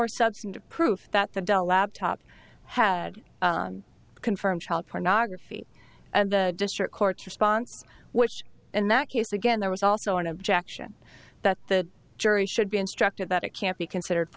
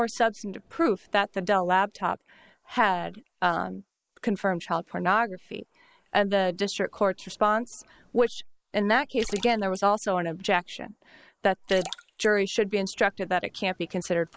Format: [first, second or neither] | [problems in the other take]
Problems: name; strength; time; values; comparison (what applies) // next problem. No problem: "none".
first | noise reduction (neural mask model Resemble Enhance denoiser)